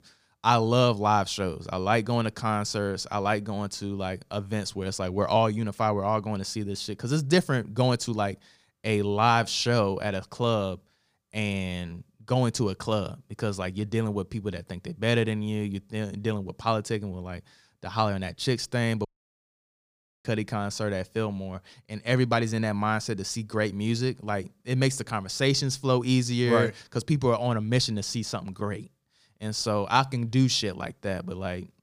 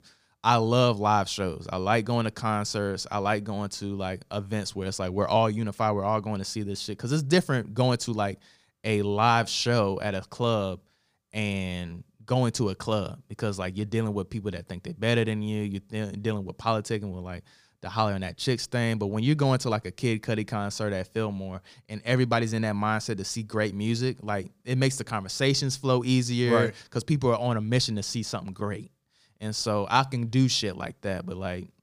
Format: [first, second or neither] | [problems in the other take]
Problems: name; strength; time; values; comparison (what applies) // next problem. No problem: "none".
second | audio cutting out; at 19 s for 1 s